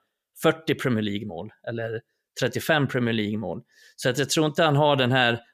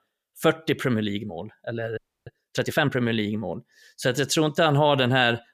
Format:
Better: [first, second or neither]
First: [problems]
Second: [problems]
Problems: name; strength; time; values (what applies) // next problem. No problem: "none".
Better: first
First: none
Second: audio freezing; at 2 s